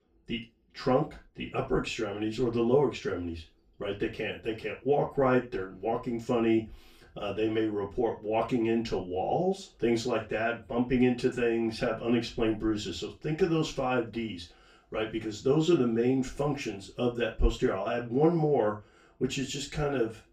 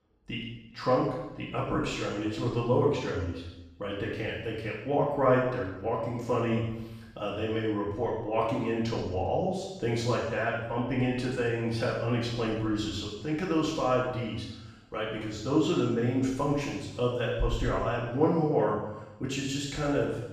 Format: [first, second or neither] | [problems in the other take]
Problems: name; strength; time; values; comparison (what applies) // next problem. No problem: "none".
first | room echo; strong; dies away in 0.9 s; slight in the first // off-mic speech; far; far in the first